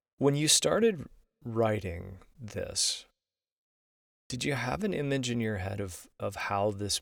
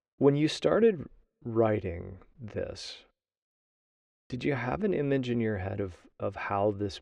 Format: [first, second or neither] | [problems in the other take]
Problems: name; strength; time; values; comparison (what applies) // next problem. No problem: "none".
first | muffled; very; fading above 2.5 kHz